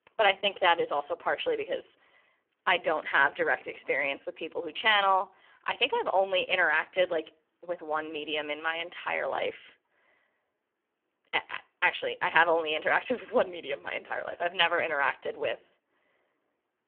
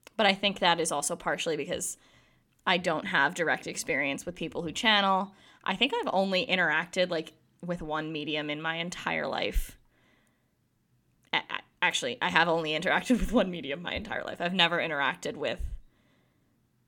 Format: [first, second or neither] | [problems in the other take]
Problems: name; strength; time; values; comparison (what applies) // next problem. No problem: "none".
second | phone-call audio; poor line; nothing above 3 kHz